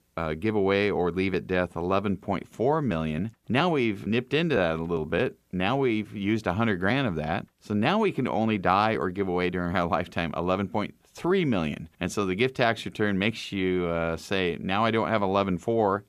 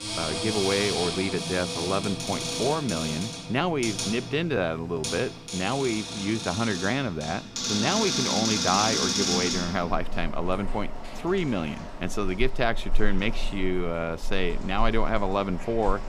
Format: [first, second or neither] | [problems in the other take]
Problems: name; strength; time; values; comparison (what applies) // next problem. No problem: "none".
first | household noises; loud; throughout; 2 dB below the speech